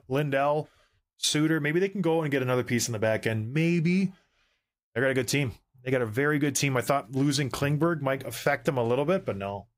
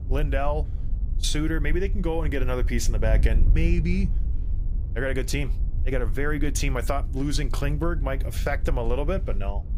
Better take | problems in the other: first | wind noise on the microphone; occasional gusts; 15 dB below the speech

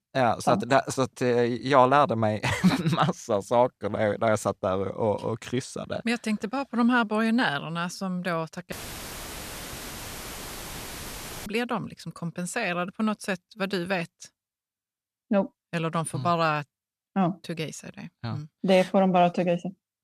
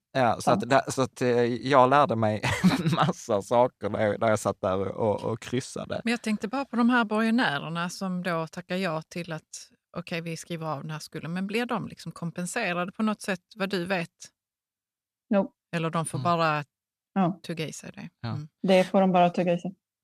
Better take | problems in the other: second | audio cutting out; filled with static; at 8.5 s for 2.5 s

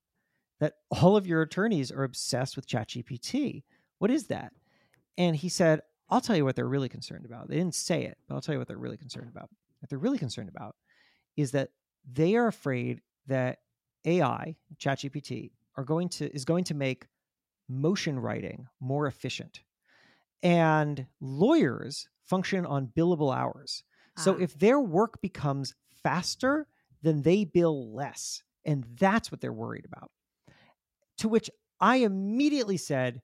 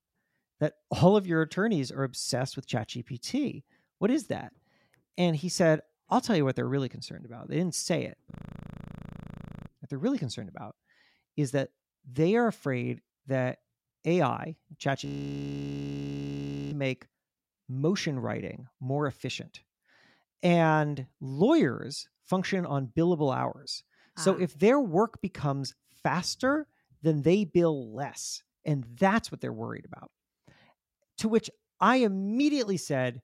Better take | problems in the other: first | audio freezing; at 8.5 s for 1.5 s and at 15 s for 1.5 s

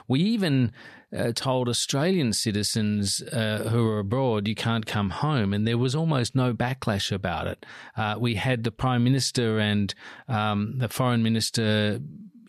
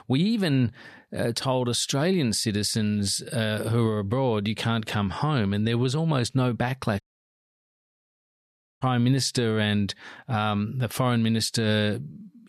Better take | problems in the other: first | audio cutting out; at 7 s for 2 s

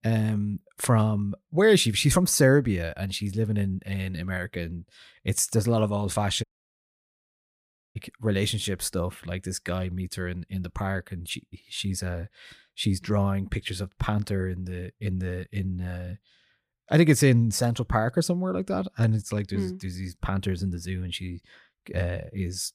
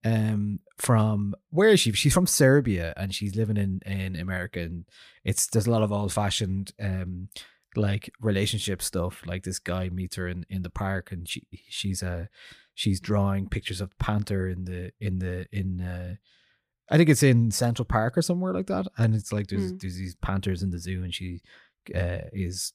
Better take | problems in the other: second | audio cutting out; at 6.5 s for 1.5 s

